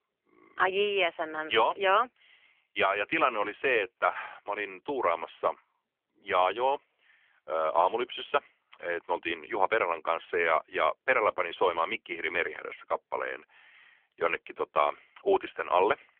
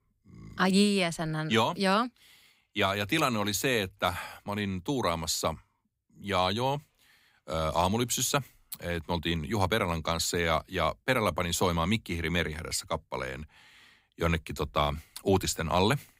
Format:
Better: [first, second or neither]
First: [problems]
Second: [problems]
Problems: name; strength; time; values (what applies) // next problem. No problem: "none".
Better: second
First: phone-call audio; nothing above 3.5 kHz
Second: none